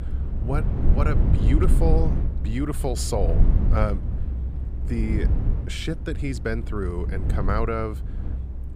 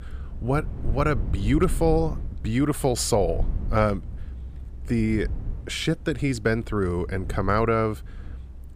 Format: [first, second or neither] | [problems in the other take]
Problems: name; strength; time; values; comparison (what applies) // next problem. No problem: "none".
second | low rumble; loud; throughout; 8 dB below the speech; faint in the second